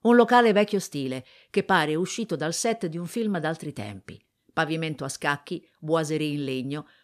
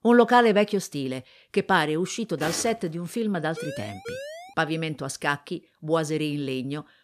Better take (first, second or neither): first